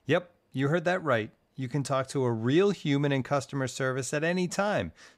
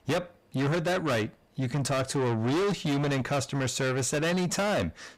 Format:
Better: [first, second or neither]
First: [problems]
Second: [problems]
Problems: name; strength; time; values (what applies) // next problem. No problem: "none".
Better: first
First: none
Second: distortion; heavy; 6 dB below the speech